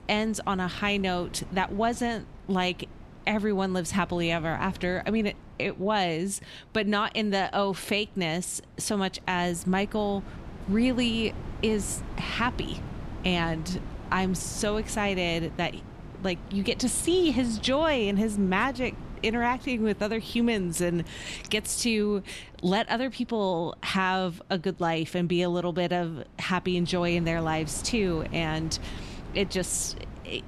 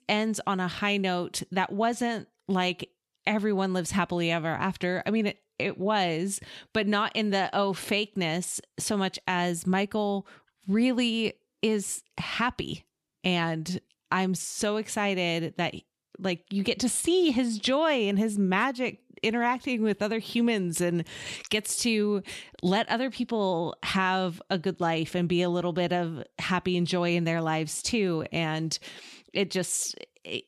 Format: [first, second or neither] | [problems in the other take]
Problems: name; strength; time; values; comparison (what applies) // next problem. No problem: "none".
second | wind noise on the microphone; occasional gusts; 20 dB below the speech